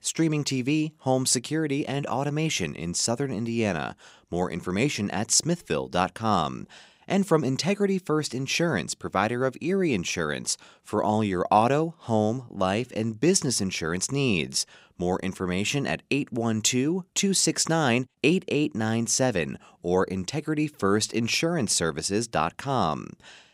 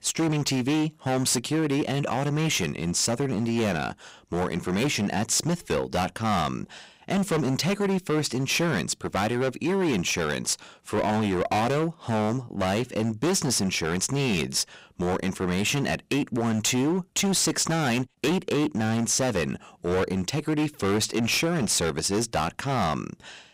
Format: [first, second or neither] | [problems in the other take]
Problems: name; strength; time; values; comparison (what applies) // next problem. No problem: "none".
first | distortion; heavy; 19% of the sound clipped